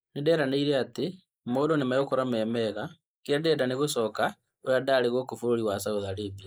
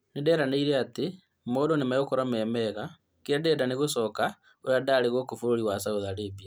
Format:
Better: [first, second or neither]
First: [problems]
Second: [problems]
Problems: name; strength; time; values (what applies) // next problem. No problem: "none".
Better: second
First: noise reduction (neural mask model Resemble Enhance denoiser)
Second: none